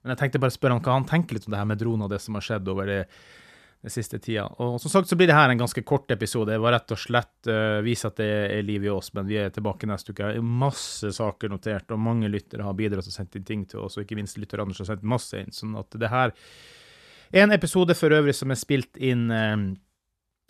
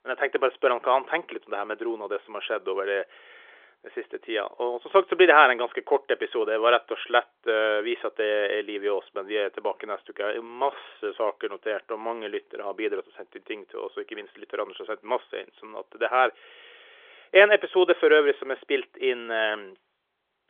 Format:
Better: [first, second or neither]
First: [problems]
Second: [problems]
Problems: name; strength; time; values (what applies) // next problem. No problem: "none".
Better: first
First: none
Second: phone-call audio; nothing above 3.5 kHz